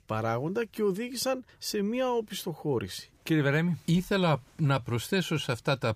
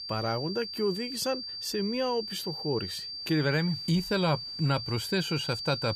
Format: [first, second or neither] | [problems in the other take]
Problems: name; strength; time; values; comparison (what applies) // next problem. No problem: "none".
first | high-pitched whine; loud; throughout; 4.5 kHz, 5 dB below the speech